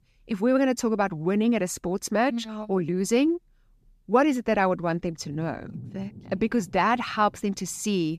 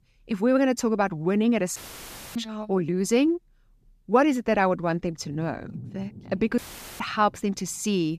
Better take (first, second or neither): first